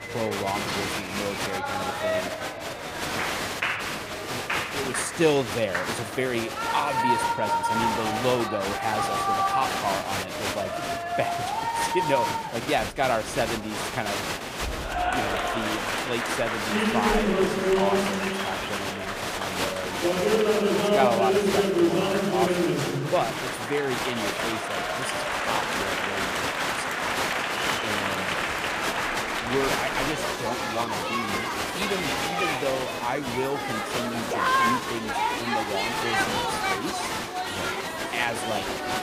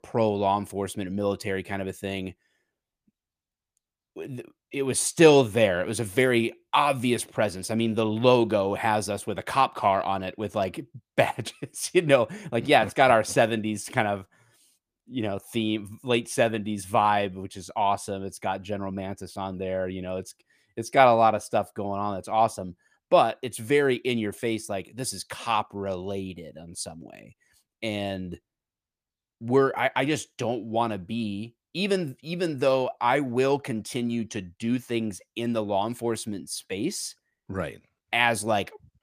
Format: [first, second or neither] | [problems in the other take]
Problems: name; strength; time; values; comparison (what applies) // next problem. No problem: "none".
second | crowd noise; very loud; throughout; 4 dB above the speech